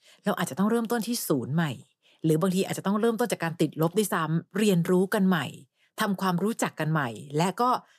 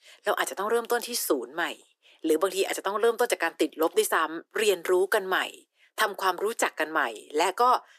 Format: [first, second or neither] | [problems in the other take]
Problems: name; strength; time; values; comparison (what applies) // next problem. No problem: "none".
first | thin; very; fading below 300 Hz